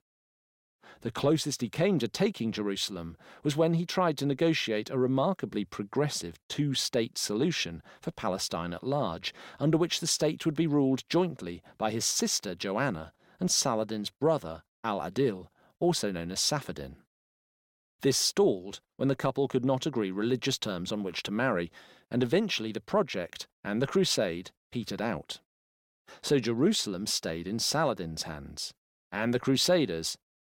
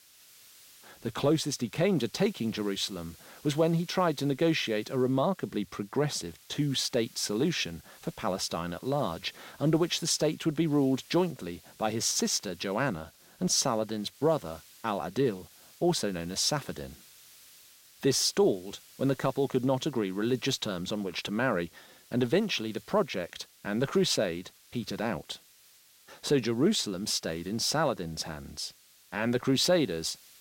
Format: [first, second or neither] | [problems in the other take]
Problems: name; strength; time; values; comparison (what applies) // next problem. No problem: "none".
first | hiss; faint; throughout; 25 dB below the speech